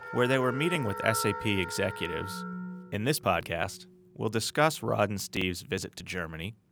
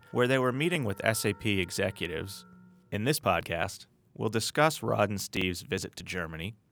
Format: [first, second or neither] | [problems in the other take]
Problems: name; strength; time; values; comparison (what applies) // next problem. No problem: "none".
second | background music; loud; throughout; 7 dB below the speech; faint in the second